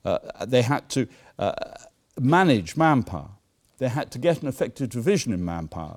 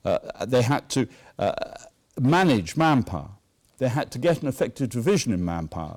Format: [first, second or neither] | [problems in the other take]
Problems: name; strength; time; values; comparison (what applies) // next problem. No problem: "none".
first | distortion; slight; 4% of the sound clipped